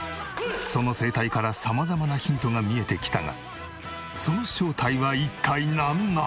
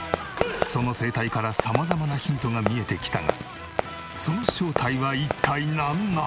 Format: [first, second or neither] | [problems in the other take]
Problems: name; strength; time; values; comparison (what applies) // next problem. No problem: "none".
first | background sound (Fireworks); 5 dB below the speech